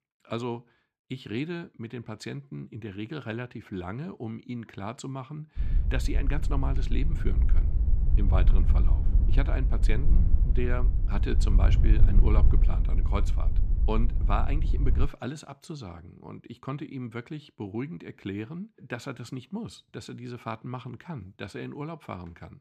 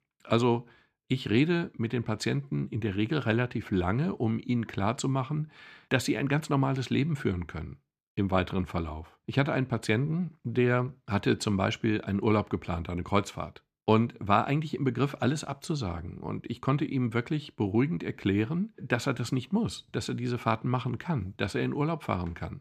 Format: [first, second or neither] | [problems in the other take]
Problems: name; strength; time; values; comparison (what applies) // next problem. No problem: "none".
second | wind noise on the microphone; heavy; from 5.5 to 15 s; 7 dB below the speech